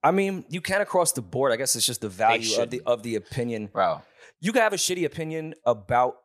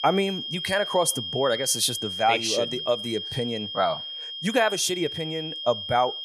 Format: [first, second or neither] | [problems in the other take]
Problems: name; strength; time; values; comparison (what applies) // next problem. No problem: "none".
first | high-pitched whine; loud; throughout; 3 kHz, 5 dB below the speech